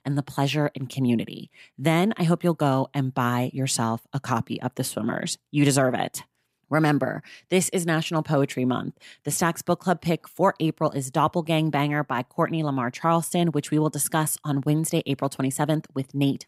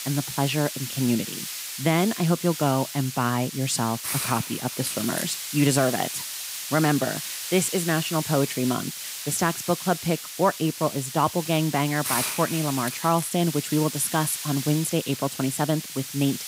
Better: first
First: none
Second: hiss; loud; throughout; 6 dB below the speech

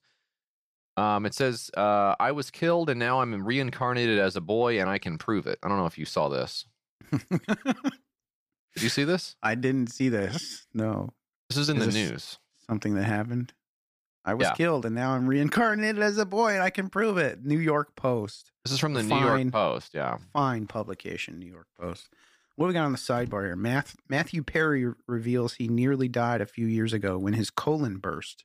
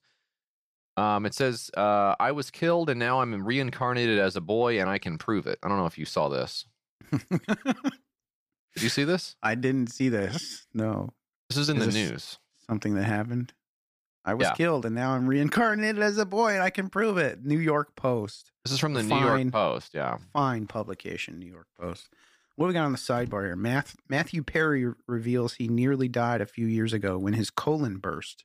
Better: neither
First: none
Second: none

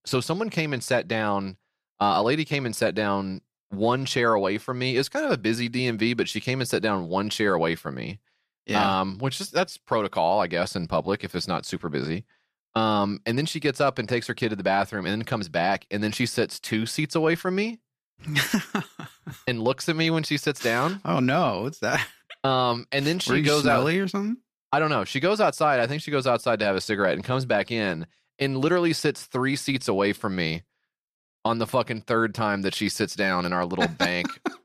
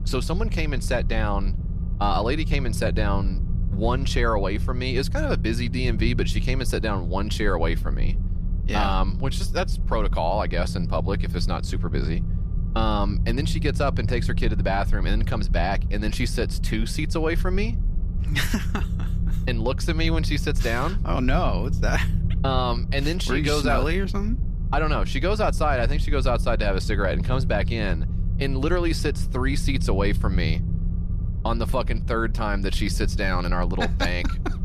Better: first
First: none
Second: low rumble; noticeable; throughout; 15 dB below the speech

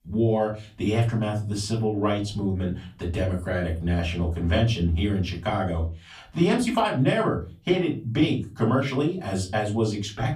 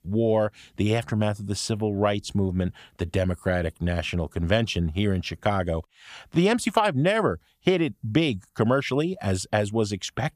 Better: second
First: off-mic speech; far // room echo; very slight; dies away in 0.3 s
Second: none

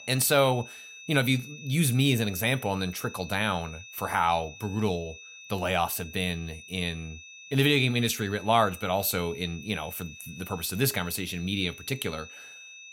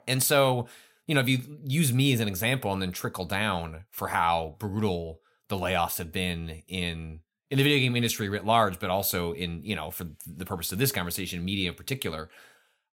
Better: second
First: high-pitched whine; noticeable; throughout; 2.5 kHz, 15 dB below the speech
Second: none

